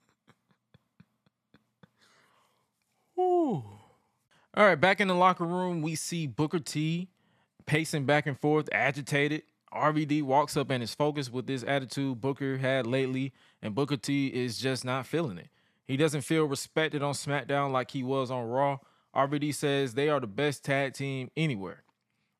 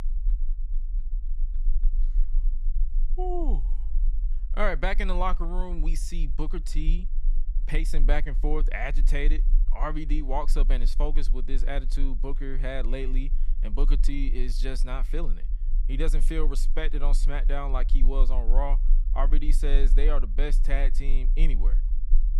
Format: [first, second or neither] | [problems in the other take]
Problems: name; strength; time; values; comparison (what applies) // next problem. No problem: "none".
first | low rumble; faint; throughout; 20 dB below the speech